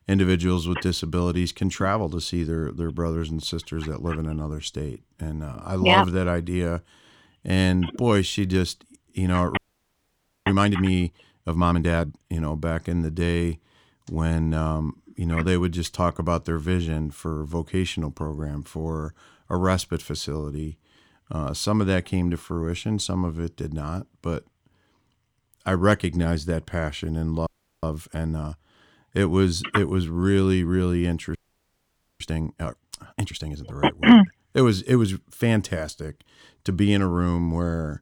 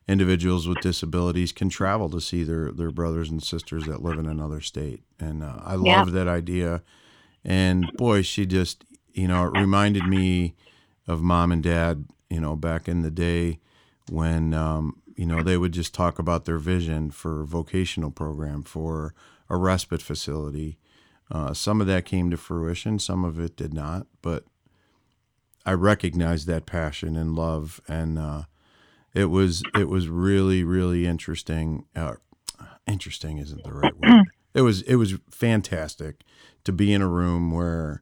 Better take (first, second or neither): second